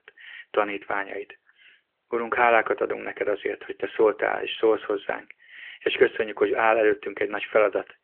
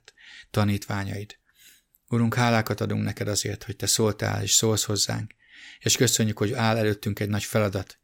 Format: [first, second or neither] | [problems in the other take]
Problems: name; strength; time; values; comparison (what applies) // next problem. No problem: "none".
second | phone-call audio; nothing above 3.5 kHz